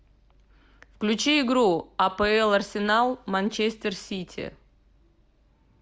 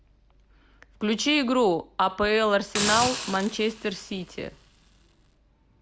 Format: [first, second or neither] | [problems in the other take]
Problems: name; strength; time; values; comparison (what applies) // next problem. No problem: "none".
first | background sound (Hiss); 6 dB below the speech